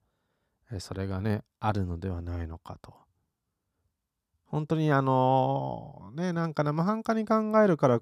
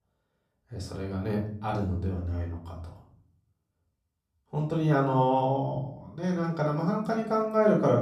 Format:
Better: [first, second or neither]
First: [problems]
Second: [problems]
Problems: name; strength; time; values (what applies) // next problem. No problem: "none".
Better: first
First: none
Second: off-mic speech; far // room echo; slight; dies away in 0.6 s